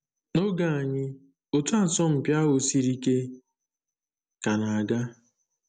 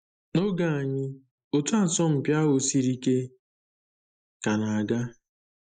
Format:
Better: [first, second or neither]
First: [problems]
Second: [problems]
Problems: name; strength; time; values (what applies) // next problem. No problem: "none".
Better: first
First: none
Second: noise reduction (neural mask model Resemble Enhance denoiser)